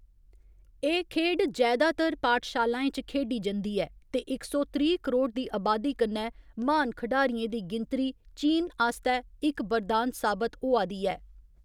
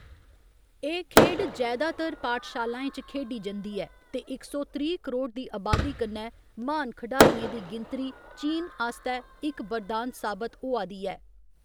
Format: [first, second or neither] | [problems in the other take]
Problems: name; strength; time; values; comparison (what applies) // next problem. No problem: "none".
first | background sound (Fireworks); 1 dB above the speech